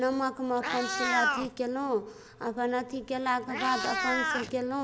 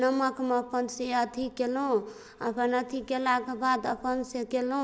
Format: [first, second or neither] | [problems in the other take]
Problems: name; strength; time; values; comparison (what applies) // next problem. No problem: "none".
second | background sound (Meow); 3 dB below the speech